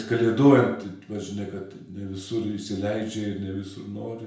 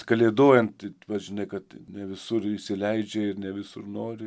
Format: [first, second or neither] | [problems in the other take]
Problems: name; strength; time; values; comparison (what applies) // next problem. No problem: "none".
second | room echo; dies away in 0.5 s